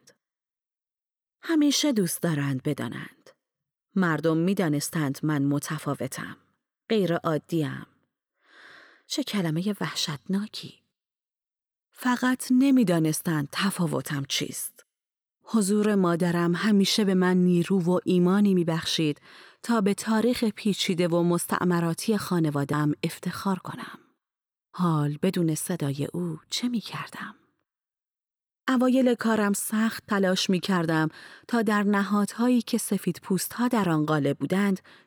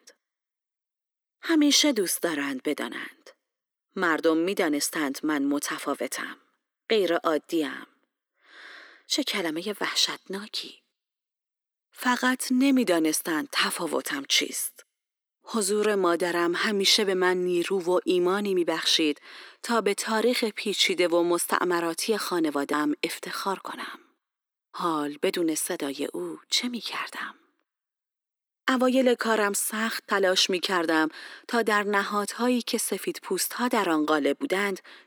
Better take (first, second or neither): first